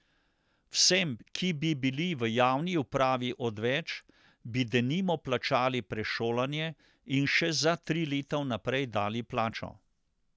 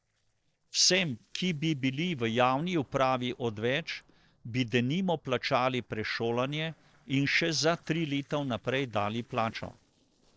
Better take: first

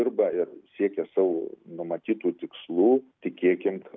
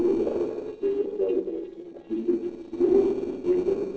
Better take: first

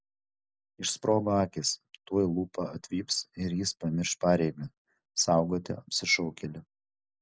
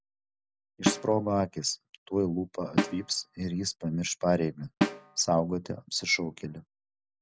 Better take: first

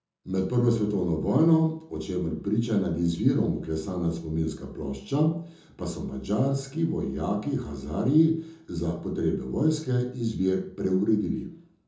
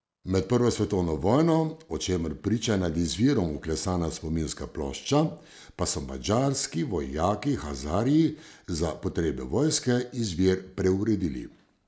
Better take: second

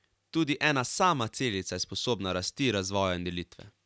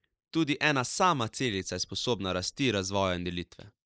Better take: first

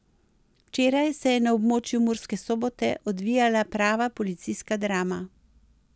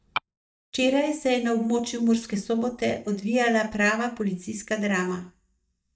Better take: first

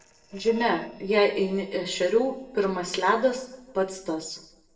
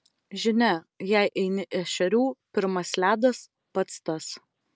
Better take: second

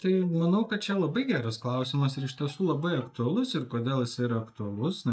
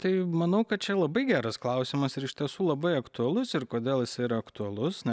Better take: second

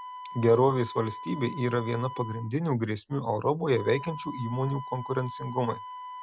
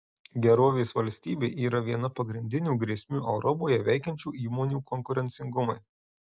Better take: second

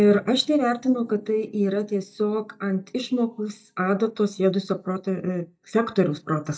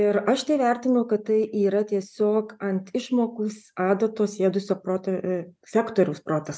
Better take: second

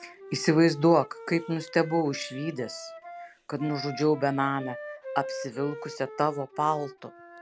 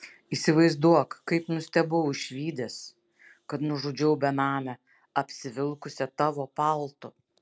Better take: second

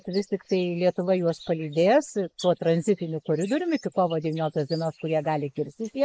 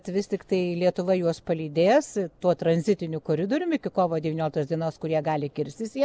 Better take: second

